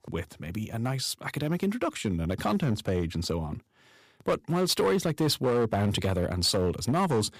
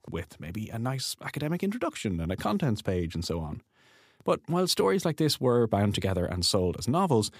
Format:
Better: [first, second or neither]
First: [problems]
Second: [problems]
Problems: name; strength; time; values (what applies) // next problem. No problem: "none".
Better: second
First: distortion; slight; 5% of the sound clipped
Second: none